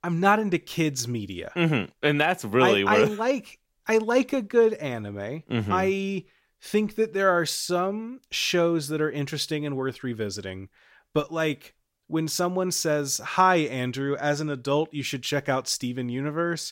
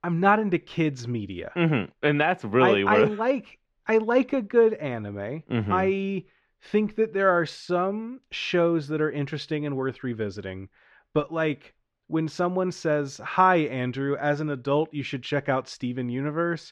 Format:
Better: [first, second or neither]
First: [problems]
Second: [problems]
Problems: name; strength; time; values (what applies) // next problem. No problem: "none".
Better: first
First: none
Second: muffled; slightly; fading above 2.5 kHz